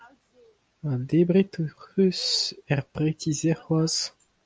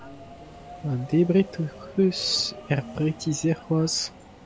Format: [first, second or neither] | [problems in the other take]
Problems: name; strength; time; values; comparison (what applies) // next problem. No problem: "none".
first | background sound (Subway, metro, underground); 17 dB below the speech